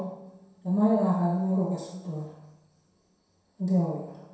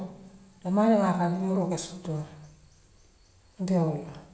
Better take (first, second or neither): second